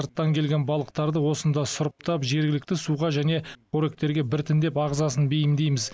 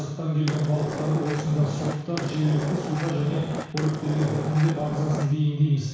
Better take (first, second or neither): first